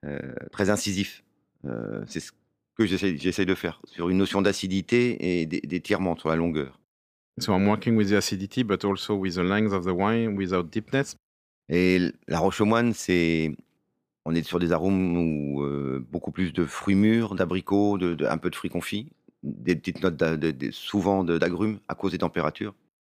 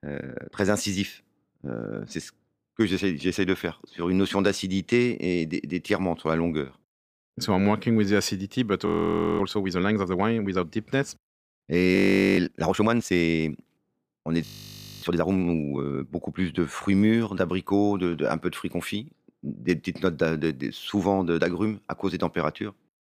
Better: first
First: none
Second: audio freezing; at 9 s for 0.5 s, at 12 s and at 14 s for 0.5 s

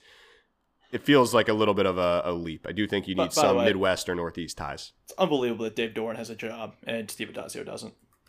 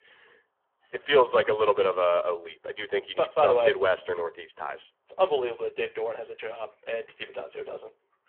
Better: first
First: none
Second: phone-call audio; poor line

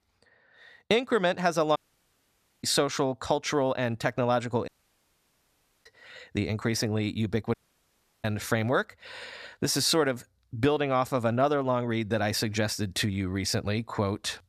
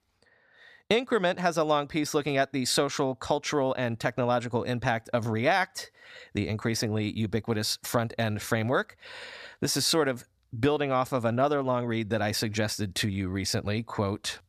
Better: second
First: audio cutting out; at 2 s for 1 s, at 4.5 s for 1 s and at 7.5 s for 0.5 s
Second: none

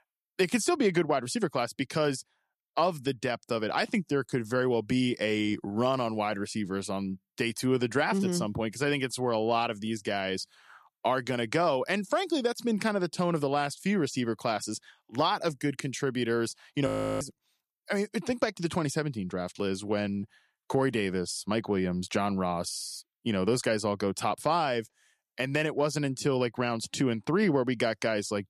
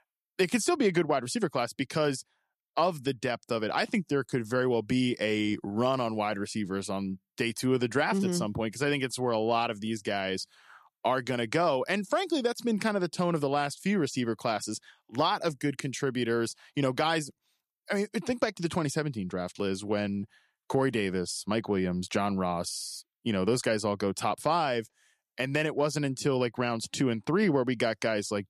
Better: second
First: audio freezing; at 17 s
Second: none

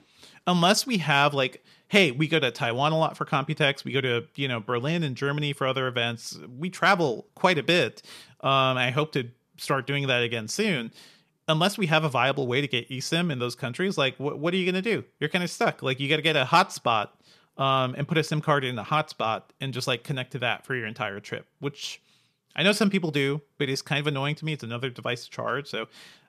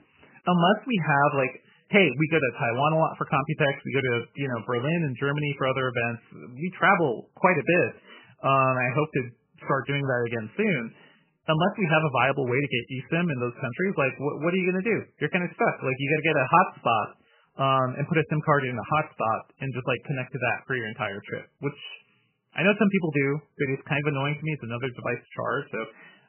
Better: first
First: none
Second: garbled, watery; badly; nothing above 3 kHz

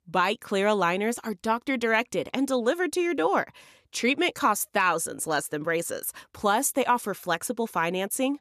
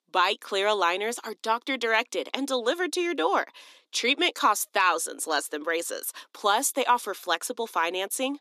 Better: first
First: none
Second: thin; very slightly; fading below 250 Hz

